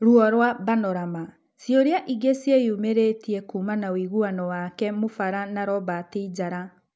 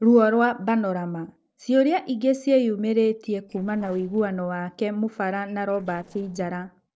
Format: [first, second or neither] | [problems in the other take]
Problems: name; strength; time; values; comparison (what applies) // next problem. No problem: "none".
first | noise reduction (neural separator model SepFormer DNS4)